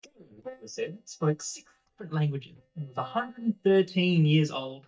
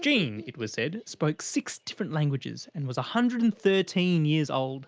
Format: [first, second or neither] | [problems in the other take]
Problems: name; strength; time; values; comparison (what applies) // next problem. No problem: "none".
second | noise reduction (neural mask model DeepFilterNet 3)